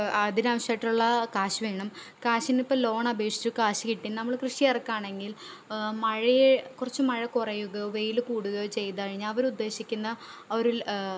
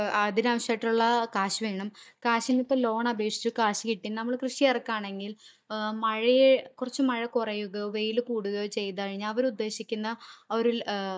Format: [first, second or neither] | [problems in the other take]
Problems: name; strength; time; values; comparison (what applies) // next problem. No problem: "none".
first | noise reduction (neural mask model DeepFilterNet 3)